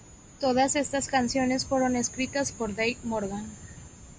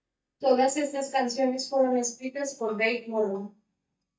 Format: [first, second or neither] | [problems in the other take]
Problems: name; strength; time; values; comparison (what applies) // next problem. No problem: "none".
first | noise reduction (neural mask model DeepFilterNet 3)